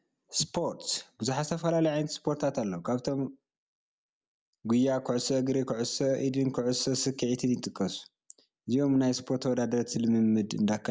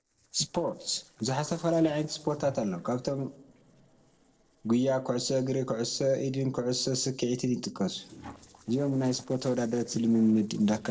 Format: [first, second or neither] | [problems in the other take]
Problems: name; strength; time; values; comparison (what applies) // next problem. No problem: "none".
first | noise reduction (neural separator model SepFormer DNS4)